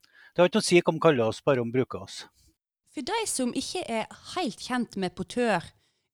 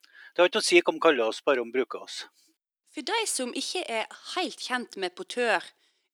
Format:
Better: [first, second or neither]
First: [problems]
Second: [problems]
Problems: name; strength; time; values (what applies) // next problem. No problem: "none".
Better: first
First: none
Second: thin; somewhat; fading below 300 Hz